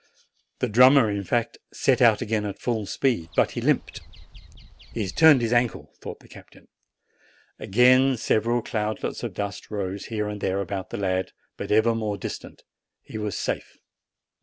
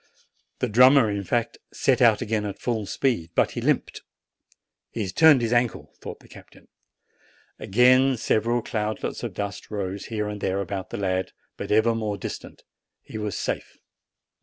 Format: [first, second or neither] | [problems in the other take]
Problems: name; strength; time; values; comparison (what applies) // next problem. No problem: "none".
second | background sound (Bird vocalization, bird call, bird song); 20 dB below the speech